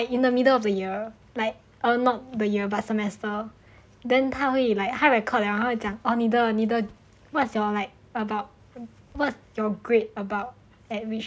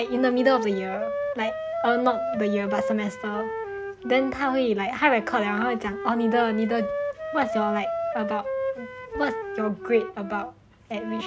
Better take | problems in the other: first | background sound (Wind instrument, woodwind instrument); 6 dB below the speech

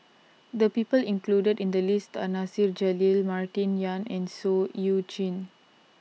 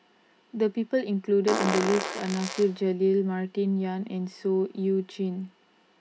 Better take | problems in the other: first | background sound (Fart); 5 dB below the speech // room echo; dies away in 0.3 s

